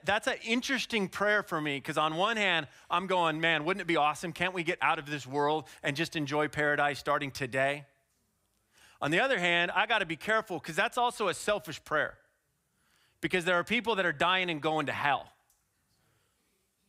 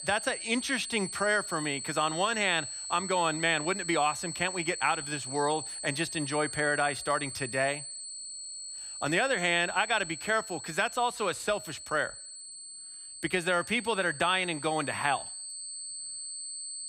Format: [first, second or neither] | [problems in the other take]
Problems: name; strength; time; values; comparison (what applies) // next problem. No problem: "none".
first | high-pitched whine; loud; throughout; 8 kHz, 8 dB below the speech